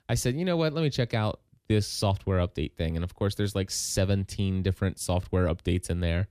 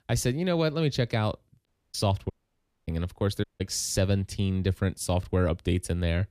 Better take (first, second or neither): first